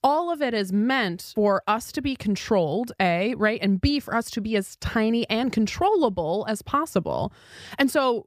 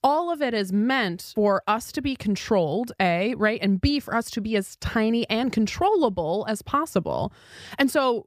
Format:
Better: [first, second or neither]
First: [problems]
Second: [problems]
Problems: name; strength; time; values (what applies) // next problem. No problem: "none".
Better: neither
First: none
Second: none